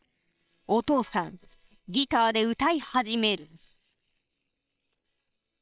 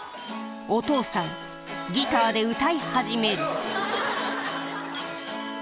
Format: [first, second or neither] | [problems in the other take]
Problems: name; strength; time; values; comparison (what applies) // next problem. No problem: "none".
second | noise reduction (neural separator model SepFormer WHAM!)